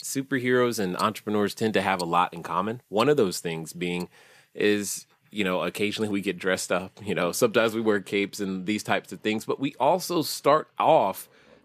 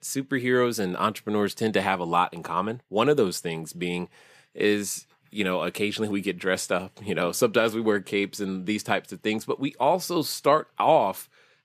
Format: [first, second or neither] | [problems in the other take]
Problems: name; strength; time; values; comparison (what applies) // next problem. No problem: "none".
second | household noises; faint; throughout; 20 dB below the speech